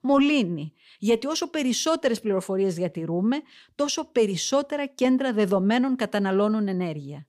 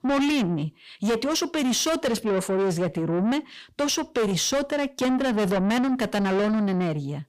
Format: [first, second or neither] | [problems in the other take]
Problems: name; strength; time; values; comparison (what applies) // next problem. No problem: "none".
first | distortion; heavy; 8 dB below the speech